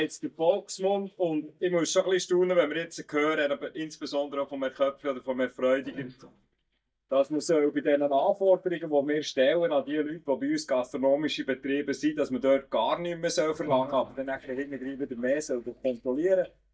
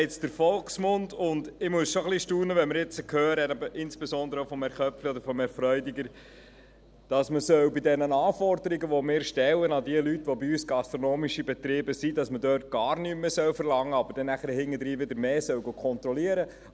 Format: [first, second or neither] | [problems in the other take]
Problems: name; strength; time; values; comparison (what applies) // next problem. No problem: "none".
second | noise reduction (neural mask model DeepFilterNet 3)